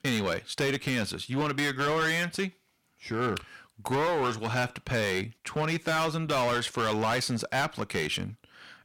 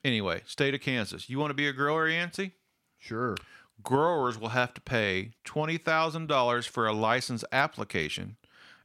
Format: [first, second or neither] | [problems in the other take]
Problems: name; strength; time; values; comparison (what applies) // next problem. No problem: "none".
second | distortion; heavy; 14% of the sound clipped